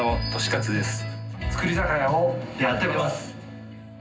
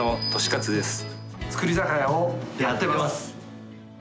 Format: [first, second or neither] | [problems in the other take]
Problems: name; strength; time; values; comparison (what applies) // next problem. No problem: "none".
second | room echo; dies away in 0.4 s